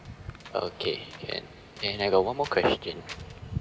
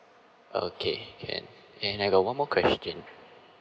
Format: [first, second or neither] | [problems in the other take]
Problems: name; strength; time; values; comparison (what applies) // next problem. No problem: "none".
second | background sound (Wind); 12 dB below the speech